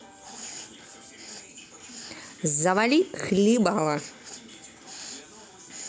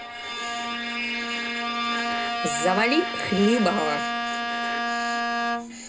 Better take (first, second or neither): first